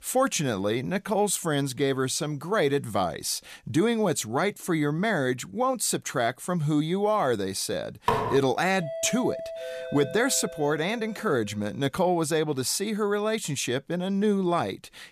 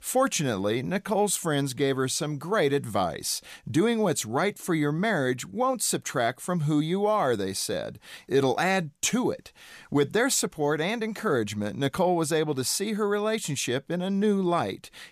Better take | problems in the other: second | clattering dishes; noticeable; at 8 s; peak level with the speech // doorbell; noticeable; from 9 to 12 s; peak 8 dB below the speech

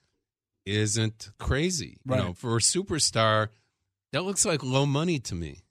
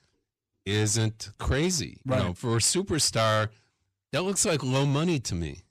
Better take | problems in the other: first | distortion; slight; 10 dB below the speech

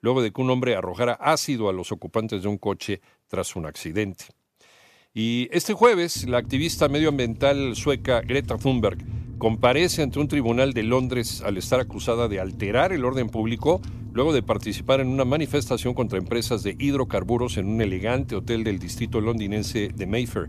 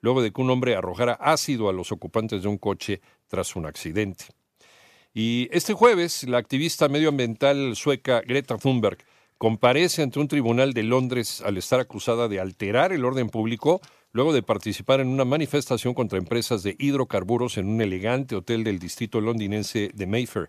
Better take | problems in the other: second | low rumble; faint; from 6 s on; 20 dB below the speech

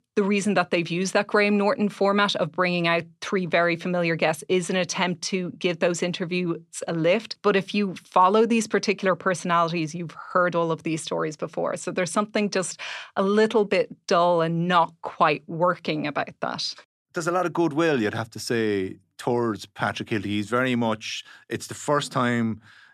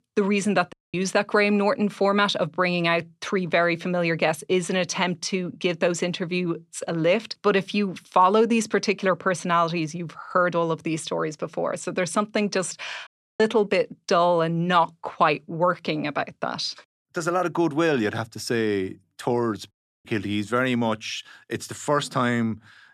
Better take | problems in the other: first | audio cutting out; at 0.5 s, at 13 s and at 20 s

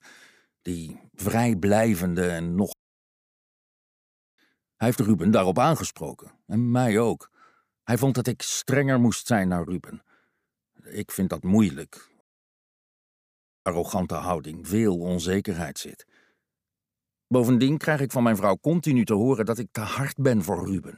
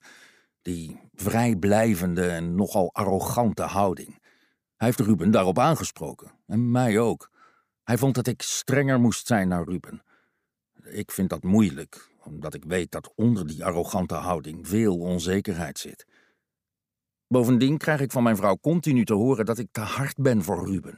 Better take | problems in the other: second | audio cutting out; at 2.5 s for 1.5 s and at 12 s for 1.5 s

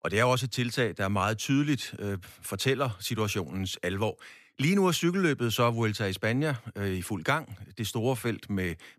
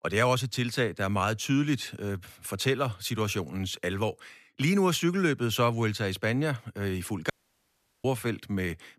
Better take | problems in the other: first | audio cutting out; at 7.5 s for 0.5 s

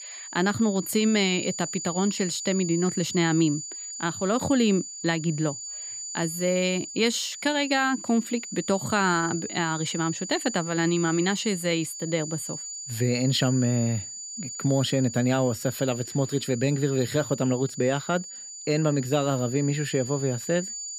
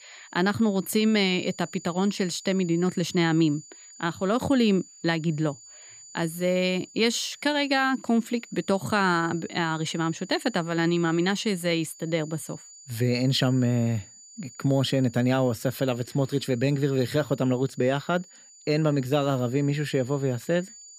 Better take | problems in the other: second | high-pitched whine; loud; throughout; 7 kHz, 8 dB below the speech; faint in the second

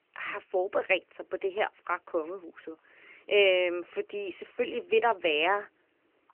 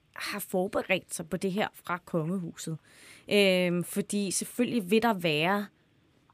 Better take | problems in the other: second | phone-call audio; nothing above 3 kHz

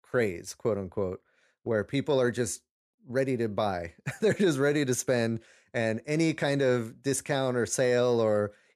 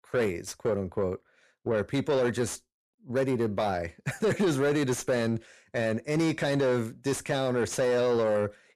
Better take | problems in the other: first | distortion; slight; 10 dB below the speech

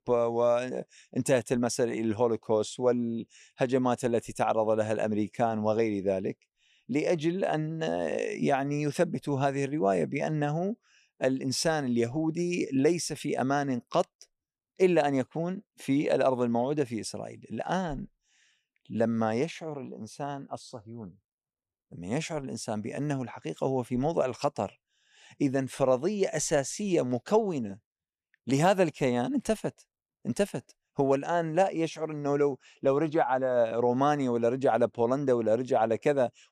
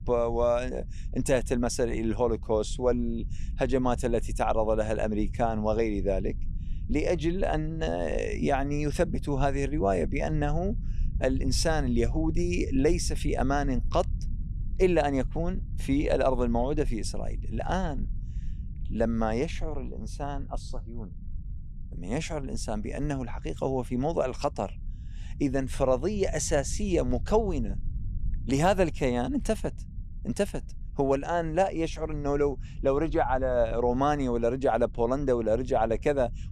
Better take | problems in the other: first | low rumble; faint; throughout; 25 dB below the speech

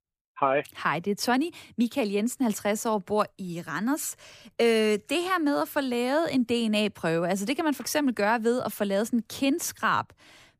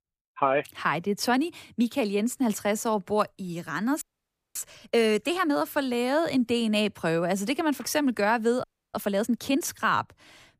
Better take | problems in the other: first | audio freezing; at 4 s for 0.5 s and at 8.5 s

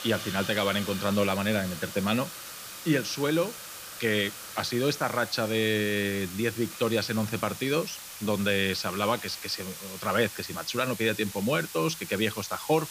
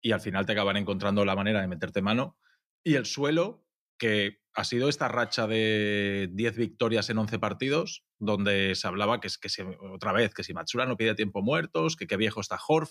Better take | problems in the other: second | hiss; noticeable; throughout; 10 dB below the speech

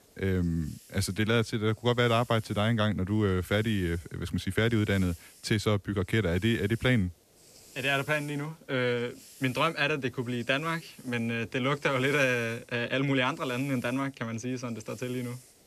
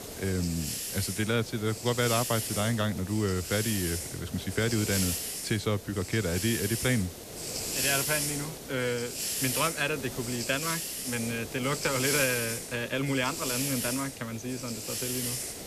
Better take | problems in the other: first | hiss; loud; throughout; 2 dB below the speech; faint in the first

